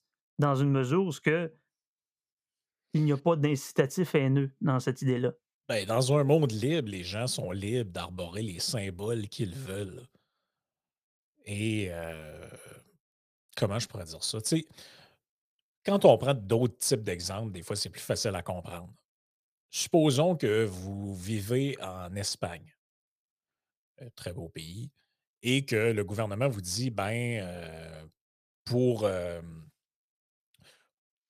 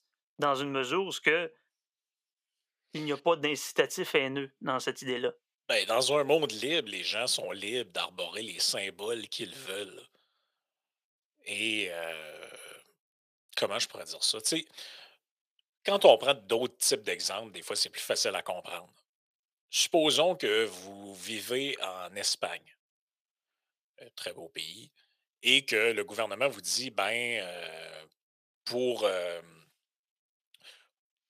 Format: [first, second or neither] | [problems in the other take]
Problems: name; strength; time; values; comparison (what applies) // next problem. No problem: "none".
first | thin; somewhat; fading below 450 Hz